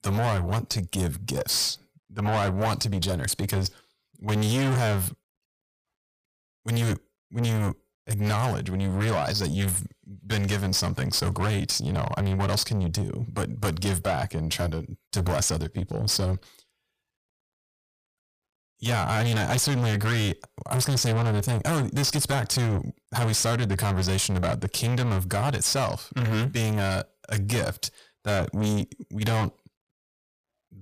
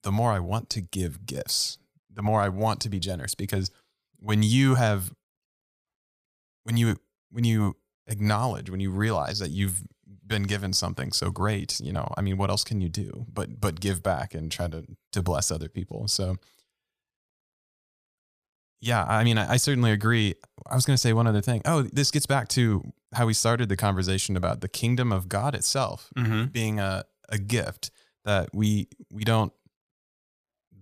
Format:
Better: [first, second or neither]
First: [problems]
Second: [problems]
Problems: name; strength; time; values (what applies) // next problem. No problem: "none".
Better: second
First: distortion; heavy; 6 dB below the speech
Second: none